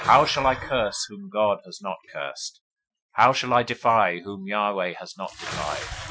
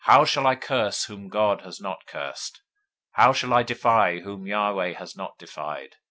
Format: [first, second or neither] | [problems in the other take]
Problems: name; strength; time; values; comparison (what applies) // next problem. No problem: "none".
second | noise reduction (classical method Wiener filter)